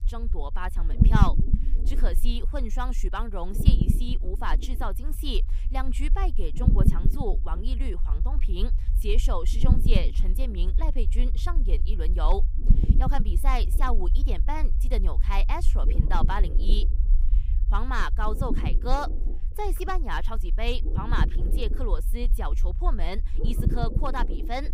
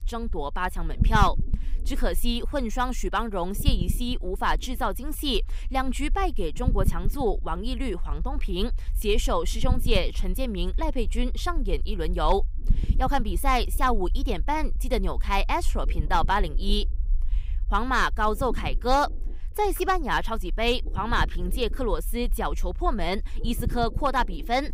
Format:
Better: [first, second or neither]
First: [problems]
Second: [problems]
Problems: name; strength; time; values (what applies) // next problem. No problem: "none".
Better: second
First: low rumble; loud; throughout; 8 dB below the speech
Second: low rumble; faint; throughout; 20 dB below the speech